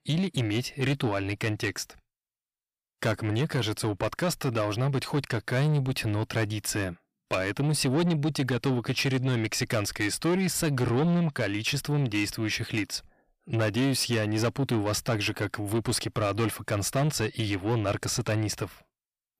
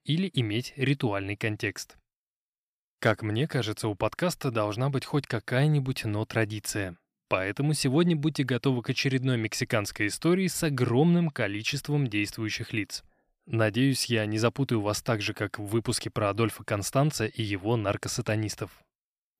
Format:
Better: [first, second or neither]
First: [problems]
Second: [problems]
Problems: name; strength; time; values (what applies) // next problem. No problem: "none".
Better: second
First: distortion; slight; 10 dB below the speech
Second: none